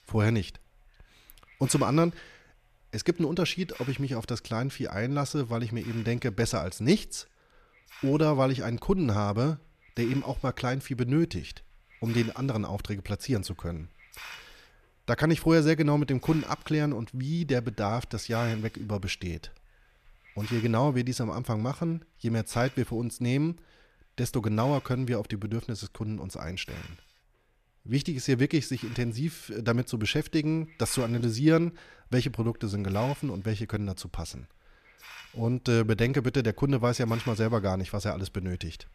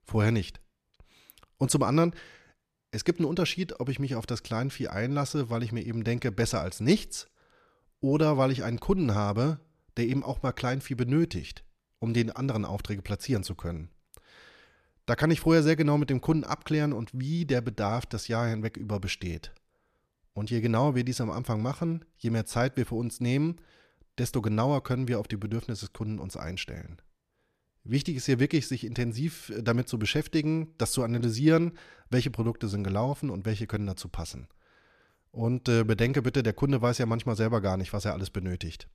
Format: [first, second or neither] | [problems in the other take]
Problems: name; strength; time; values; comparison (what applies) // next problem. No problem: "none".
second | hiss; noticeable; throughout; 20 dB below the speech